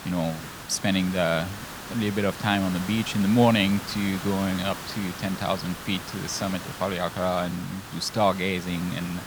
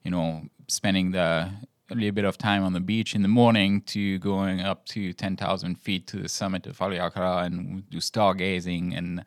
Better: second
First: hiss; noticeable; throughout; 10 dB below the speech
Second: none

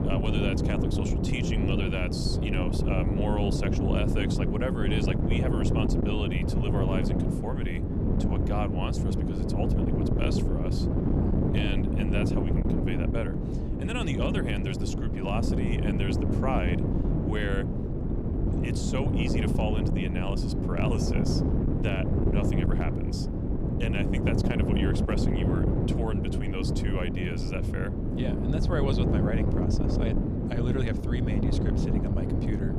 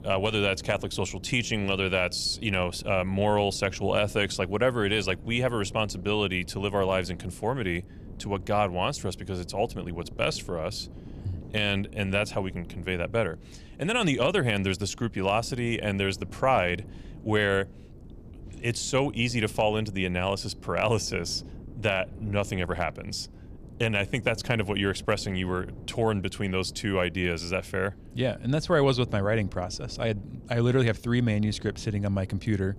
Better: second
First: wind noise on the microphone; heavy; 1 dB above the speech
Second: wind noise on the microphone; occasional gusts; 25 dB below the speech

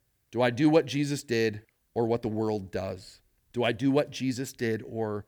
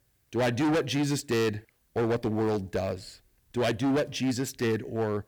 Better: first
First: none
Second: distortion; heavy; 14% of the sound clipped

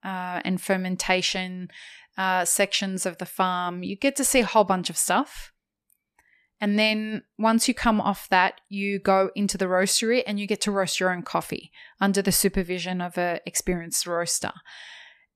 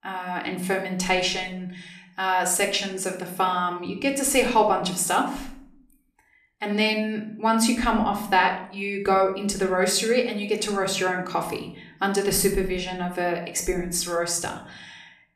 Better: first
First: none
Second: room echo; slight; dies away in 0.5 s

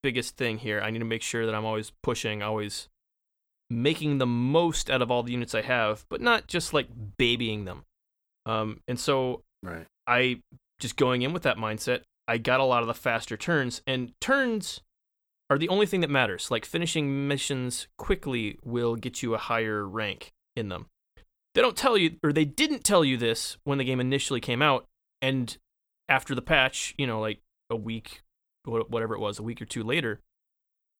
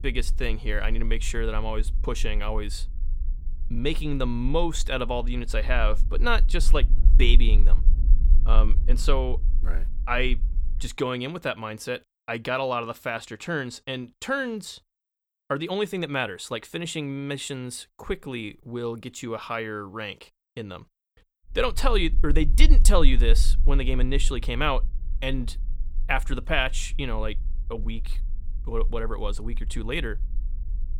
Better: first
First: none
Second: low rumble; faint; until 11 s and from 22 s on; 20 dB below the speech

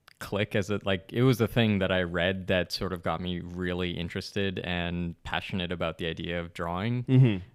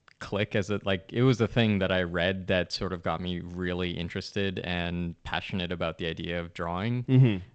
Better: first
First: none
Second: garbled, watery; slightly; nothing above 8 kHz

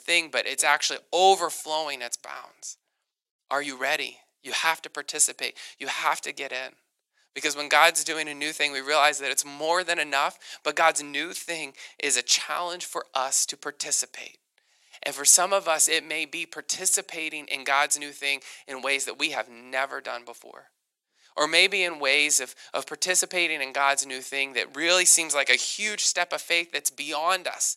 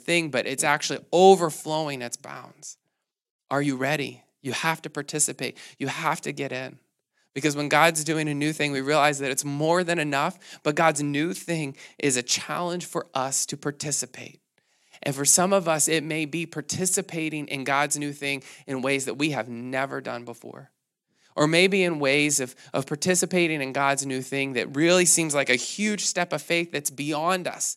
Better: second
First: thin; very; fading below 650 Hz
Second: none

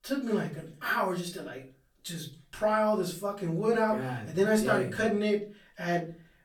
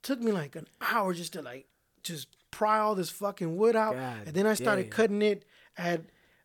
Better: second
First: off-mic speech; far // room echo; slight; dies away in 0.3 s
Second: none

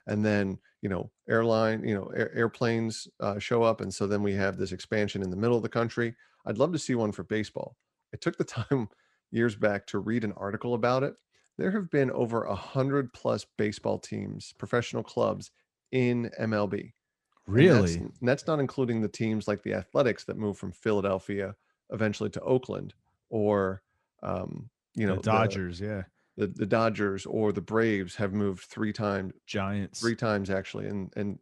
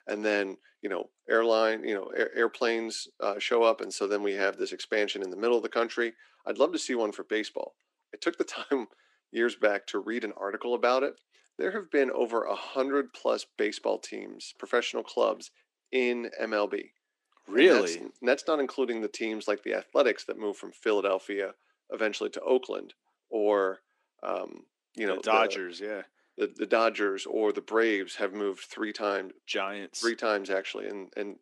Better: first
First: none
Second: thin; somewhat; fading below 300 Hz

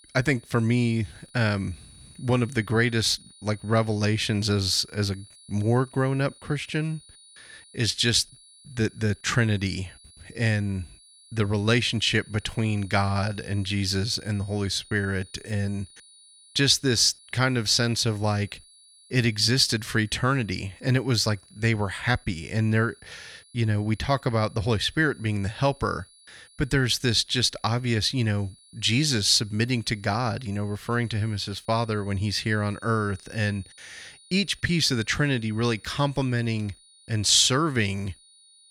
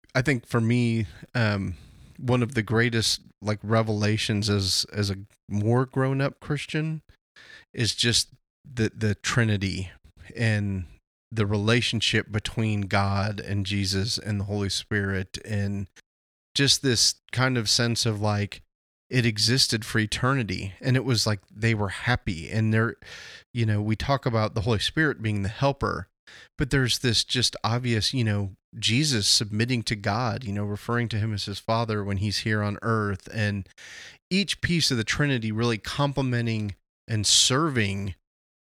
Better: second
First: high-pitched whine; faint; throughout; 9.5 kHz, 25 dB below the speech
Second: none

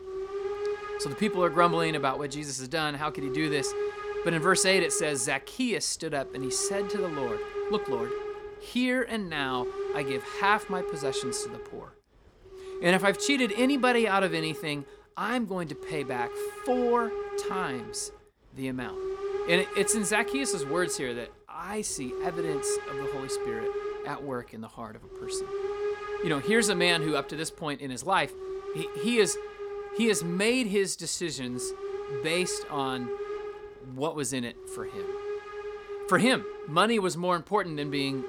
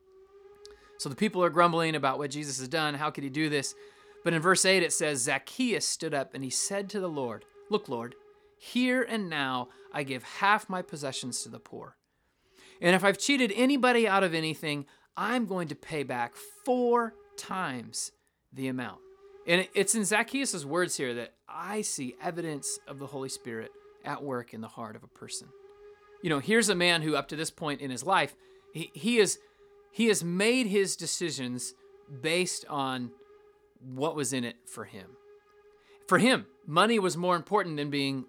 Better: second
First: hiss; loud; throughout; 7 dB below the speech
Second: hiss; faint; throughout; 30 dB below the speech

